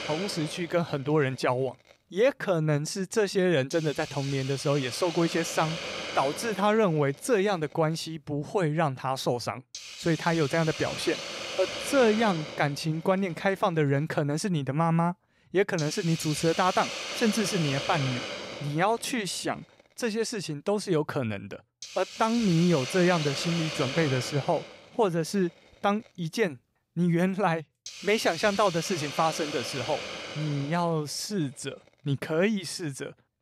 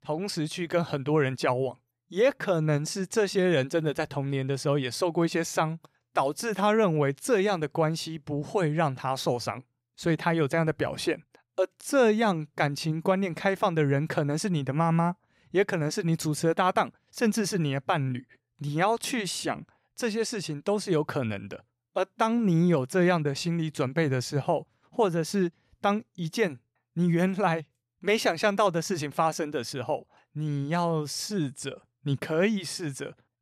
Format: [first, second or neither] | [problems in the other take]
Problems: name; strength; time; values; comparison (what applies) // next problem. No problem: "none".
second | hiss; loud; throughout; 8 dB below the speech